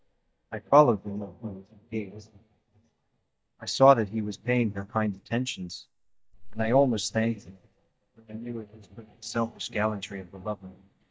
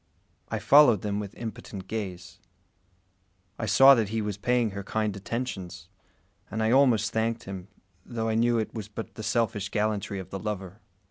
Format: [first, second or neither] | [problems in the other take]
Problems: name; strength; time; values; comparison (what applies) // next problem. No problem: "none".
second | noise reduction (neural mask model DeepFilterNet 3)